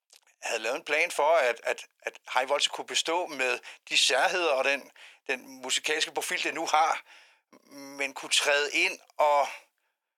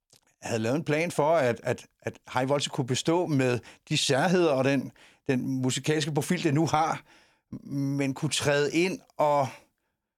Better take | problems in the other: second | thin; very; fading below 550 Hz

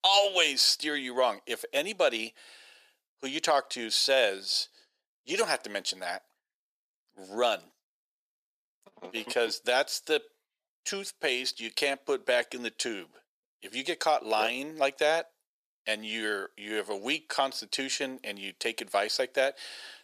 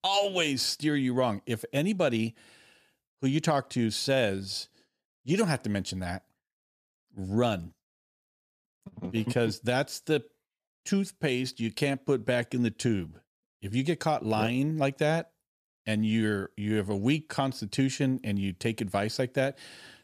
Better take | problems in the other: second | thin; very; fading below 450 Hz

